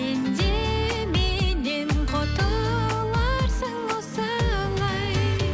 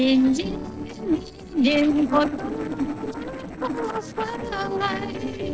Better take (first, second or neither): first